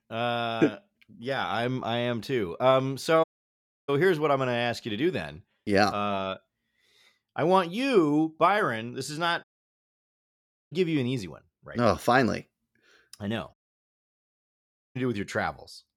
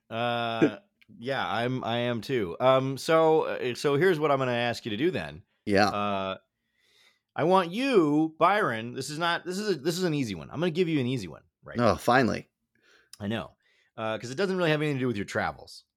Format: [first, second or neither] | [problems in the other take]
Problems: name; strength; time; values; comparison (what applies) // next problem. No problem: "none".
second | audio cutting out; at 3 s for 0.5 s, at 9.5 s for 1.5 s and at 14 s for 1.5 s